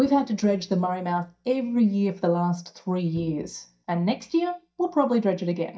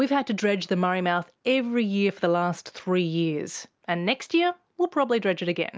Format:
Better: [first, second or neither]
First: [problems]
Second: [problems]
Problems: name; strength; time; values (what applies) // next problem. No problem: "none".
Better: second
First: noise reduction (neural mask model DeepFilterNet 3)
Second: none